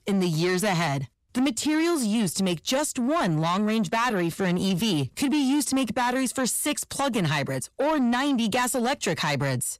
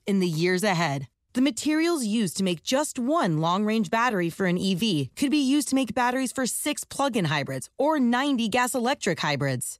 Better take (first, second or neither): second